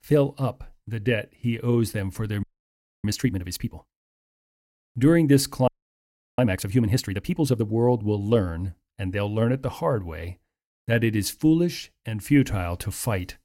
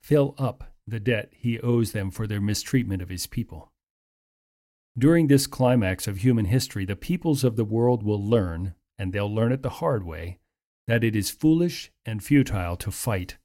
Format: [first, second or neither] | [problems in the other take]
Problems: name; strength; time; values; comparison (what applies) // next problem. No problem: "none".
second | audio freezing; at 2.5 s for 0.5 s and at 5.5 s for 0.5 s